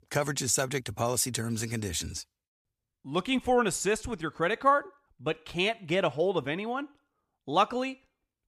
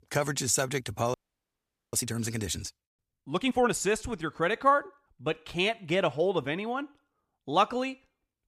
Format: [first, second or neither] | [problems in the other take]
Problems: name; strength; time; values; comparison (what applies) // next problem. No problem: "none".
first | audio freezing; at 1 s for 1 s